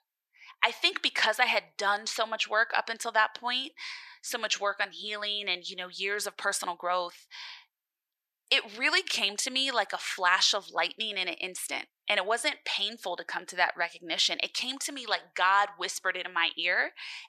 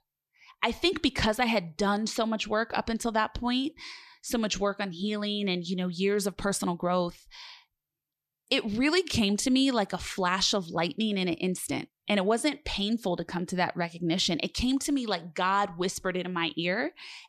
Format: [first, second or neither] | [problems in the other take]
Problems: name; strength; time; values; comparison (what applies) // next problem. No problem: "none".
second | thin; very; fading below 750 Hz